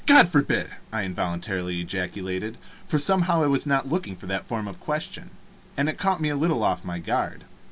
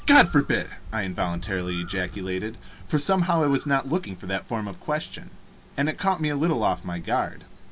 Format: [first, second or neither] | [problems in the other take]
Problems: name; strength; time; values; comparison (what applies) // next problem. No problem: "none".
first | background sound (Bird); 16 dB below the speech